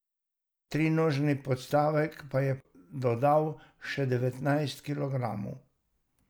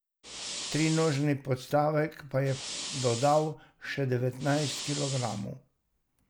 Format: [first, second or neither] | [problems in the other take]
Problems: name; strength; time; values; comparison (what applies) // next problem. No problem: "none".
first | background sound (Fire); 9 dB below the speech